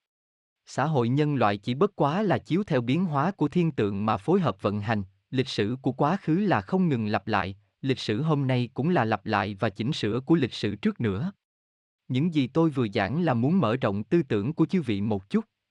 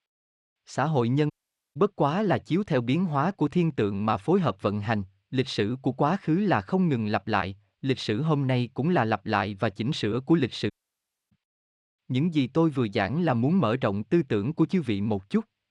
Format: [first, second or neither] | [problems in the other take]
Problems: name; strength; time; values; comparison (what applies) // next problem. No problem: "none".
first | audio cutting out; at 1.5 s and at 11 s for 0.5 s